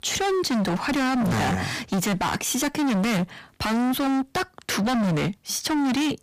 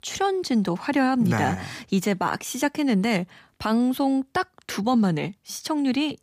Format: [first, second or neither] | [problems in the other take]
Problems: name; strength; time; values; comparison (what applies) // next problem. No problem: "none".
second | distortion; heavy; 38% of the sound clipped